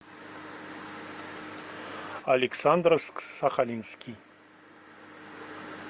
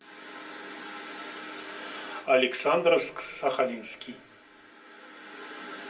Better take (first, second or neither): first